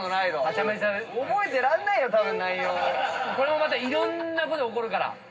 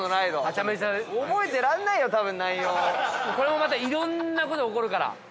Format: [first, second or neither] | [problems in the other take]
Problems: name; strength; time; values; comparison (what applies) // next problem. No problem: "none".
second | background sound (Bowed string instrument); 11 dB below the speech // room echo; dies away in 0.4 s